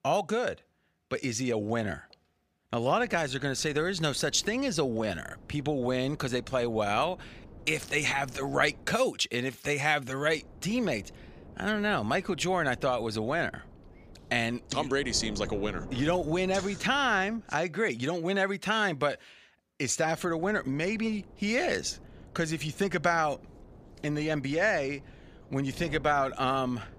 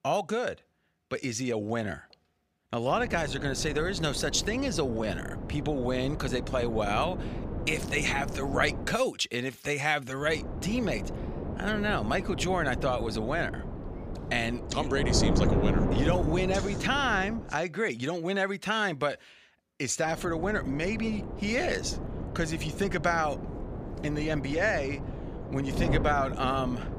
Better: first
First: wind noise on the microphone; occasional gusts; from 3 to 9 s, from 10 to 17 s and from 20 s on; 25 dB below the speech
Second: wind noise on the microphone; heavy; from 3 to 9 s, from 10 to 17 s and from 20 s on; 10 dB below the speech

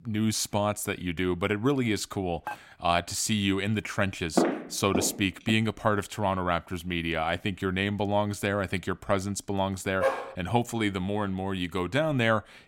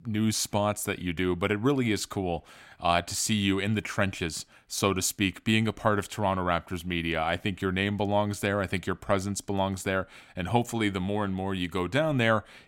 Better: second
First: clattering dishes; faint; at 2.5 s; peak 10 dB below the speech // footsteps; loud; from 4.5 to 5.5 s; peak 1 dB above the speech // dog barking; noticeable; at 10 s; peak 1 dB below the speech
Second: none

